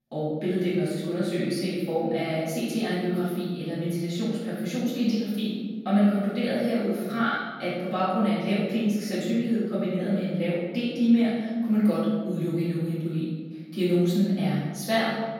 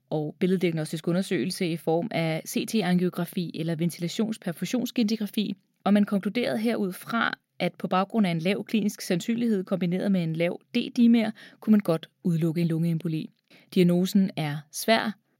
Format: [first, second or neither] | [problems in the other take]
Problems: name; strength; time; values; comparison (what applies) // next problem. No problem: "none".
second | room echo; strong; dies away in 1.3 s // off-mic speech; far